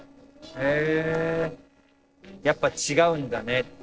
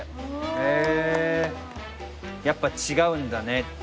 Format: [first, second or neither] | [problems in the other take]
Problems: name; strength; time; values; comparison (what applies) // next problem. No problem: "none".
second | noise reduction (neural separator model SepFormer DNS4)